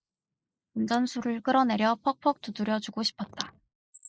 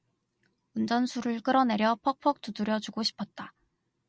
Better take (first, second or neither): second